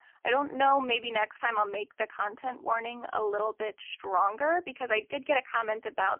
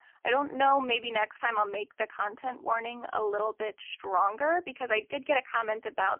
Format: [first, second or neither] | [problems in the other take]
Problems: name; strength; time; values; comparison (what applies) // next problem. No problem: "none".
neither | phone-call audio; poor line; nothing above 3 kHz; the same in both